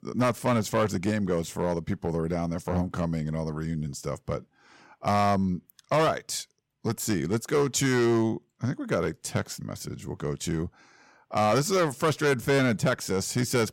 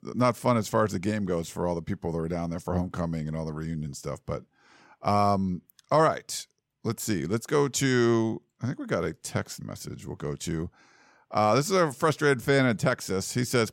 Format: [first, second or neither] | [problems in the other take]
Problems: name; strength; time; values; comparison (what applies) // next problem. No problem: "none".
second | distortion; slight; 5% of the sound clipped